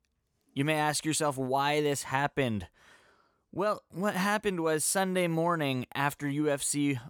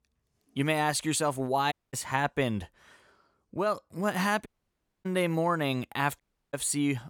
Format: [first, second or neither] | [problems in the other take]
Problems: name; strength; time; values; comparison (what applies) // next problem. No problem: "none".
first | audio cutting out; at 1.5 s, at 4.5 s for 0.5 s and at 6 s